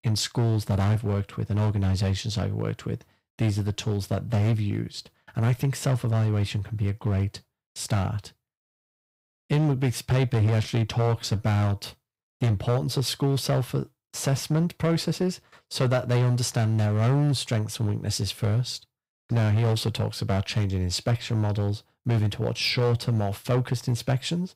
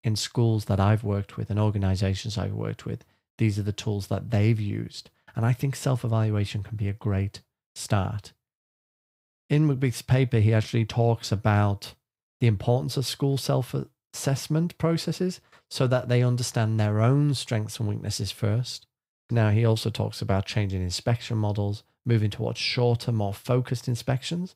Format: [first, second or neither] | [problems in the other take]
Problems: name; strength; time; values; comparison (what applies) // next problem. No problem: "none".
second | distortion; slight; 9% of the sound clipped